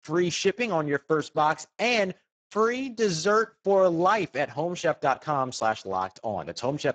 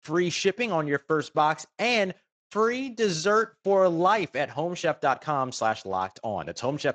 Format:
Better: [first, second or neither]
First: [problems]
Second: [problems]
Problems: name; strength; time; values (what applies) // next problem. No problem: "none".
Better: second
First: garbled, watery; badly; nothing above 7.5 kHz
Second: garbled, watery; slightly; nothing above 7.5 kHz